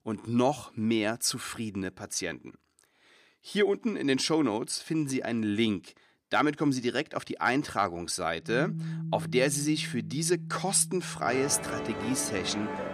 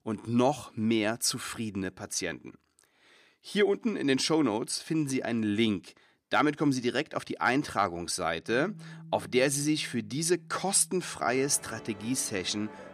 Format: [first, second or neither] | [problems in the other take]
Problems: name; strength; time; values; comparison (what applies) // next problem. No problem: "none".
second | background music; loud; from 8.5 s on; 8 dB below the speech; faint in the second